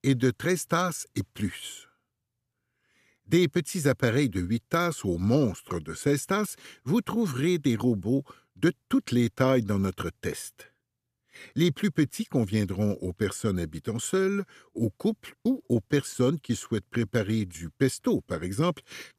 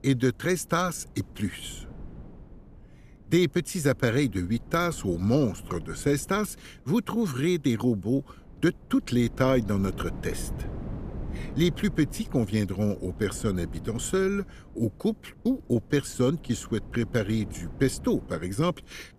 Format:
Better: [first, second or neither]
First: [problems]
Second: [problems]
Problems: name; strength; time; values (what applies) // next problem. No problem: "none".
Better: first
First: none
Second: wind noise on the microphone; occasional gusts; 20 dB below the speech